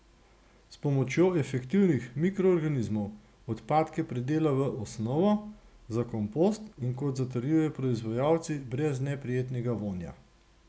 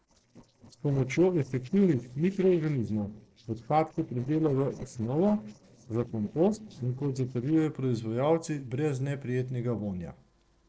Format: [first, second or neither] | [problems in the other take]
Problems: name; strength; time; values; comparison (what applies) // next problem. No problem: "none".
first | noise reduction (neural separator model SepFormer DNS4)